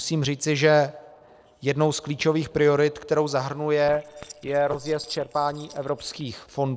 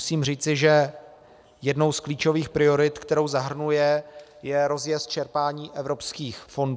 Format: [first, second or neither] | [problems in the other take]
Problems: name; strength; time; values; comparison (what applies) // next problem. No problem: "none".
second | noise reduction (neural separator model SepFormer DNS4)